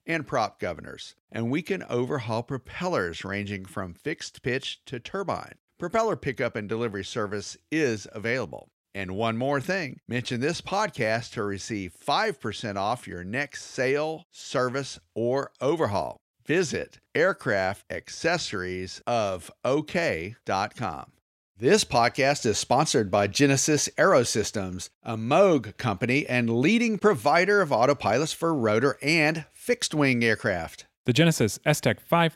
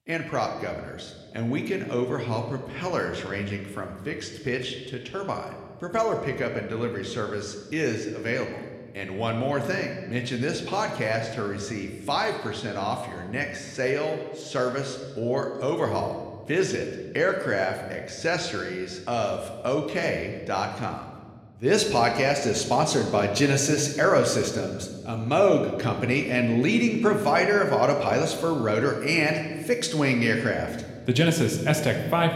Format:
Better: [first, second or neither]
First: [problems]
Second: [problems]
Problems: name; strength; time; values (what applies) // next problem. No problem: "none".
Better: first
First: none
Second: room echo; slight; dies away in 1.3 s